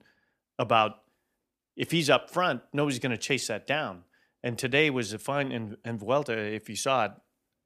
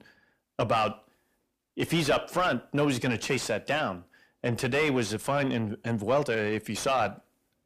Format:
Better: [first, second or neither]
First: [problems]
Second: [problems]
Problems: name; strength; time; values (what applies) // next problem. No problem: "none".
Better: first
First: none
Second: distortion; heavy; 6 dB below the speech